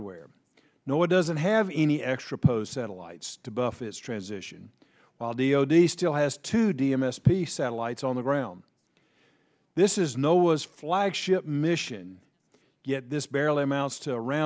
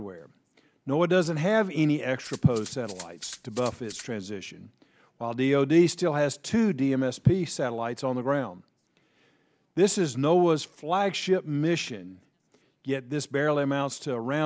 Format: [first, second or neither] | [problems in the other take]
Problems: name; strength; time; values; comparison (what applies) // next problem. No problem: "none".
first | background sound (Rattle (instrument)); 19 dB below the speech